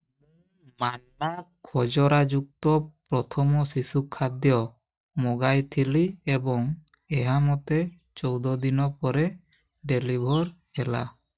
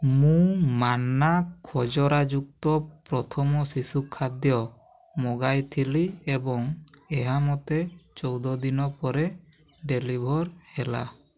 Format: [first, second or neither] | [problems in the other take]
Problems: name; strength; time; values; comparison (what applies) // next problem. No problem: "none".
second | noise reduction (neural mask model DeepFilterNet 3)